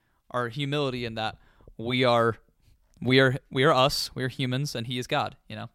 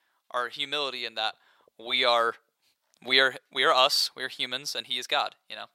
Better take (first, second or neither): first